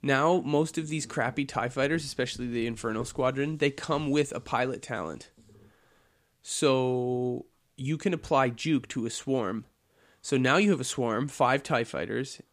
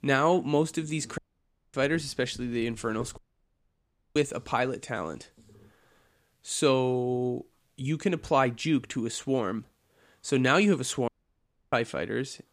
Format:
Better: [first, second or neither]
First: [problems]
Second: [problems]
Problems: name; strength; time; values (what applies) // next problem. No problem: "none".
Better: first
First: none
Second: audio cutting out; at 1 s for 0.5 s, at 3 s for 1 s and at 11 s for 0.5 s